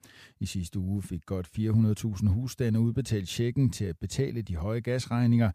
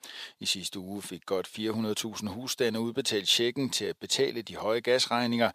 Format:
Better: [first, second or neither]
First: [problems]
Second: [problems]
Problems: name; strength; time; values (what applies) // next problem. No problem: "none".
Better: first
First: none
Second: thin; very; fading below 500 Hz